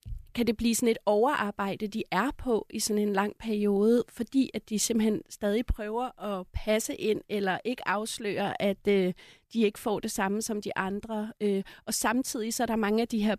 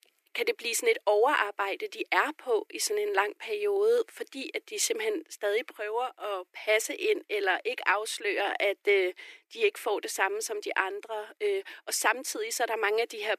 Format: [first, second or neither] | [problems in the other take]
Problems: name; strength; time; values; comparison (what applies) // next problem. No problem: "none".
first | thin; very; fading below 300 Hz